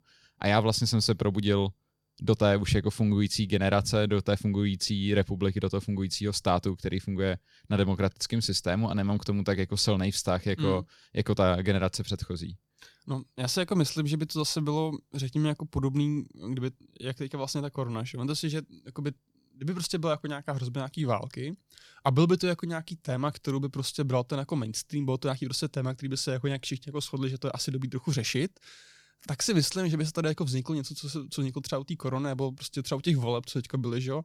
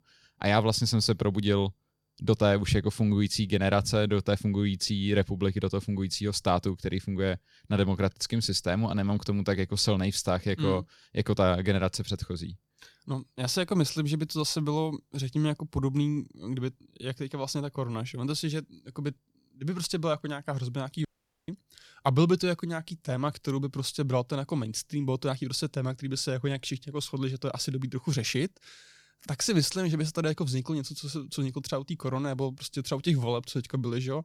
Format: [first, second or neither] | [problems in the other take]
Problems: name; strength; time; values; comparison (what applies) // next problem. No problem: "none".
first | audio cutting out; at 21 s